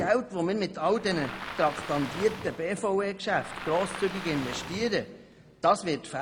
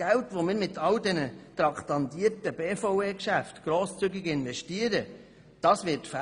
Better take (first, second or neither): second